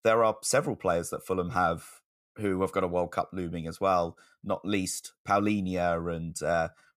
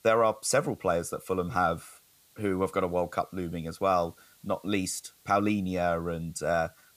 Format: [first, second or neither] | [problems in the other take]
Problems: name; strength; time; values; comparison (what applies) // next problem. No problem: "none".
first | hiss; faint; throughout; 30 dB below the speech